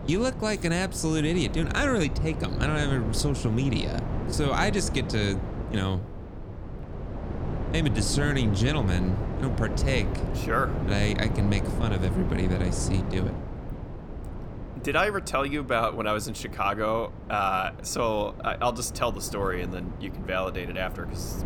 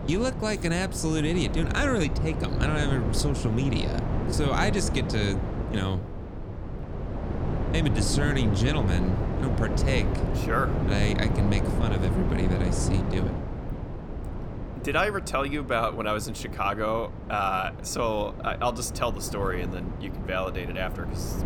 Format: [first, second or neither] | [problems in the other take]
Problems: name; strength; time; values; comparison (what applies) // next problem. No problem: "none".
first | wind noise on the microphone; heavy; 7 dB below the speech; occasional gusts in the first